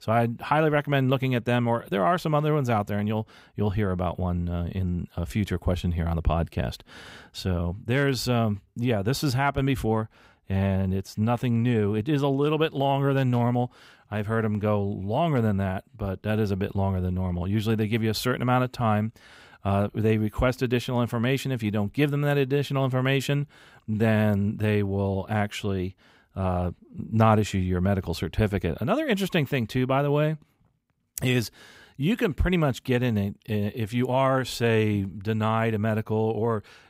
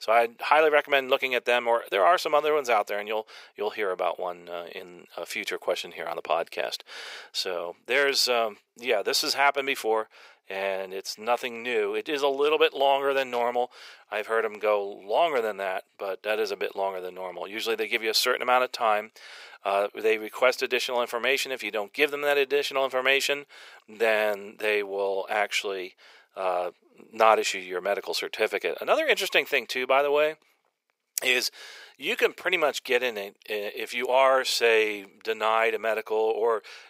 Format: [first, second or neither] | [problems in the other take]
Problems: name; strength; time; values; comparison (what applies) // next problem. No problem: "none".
first | thin; very; fading below 450 Hz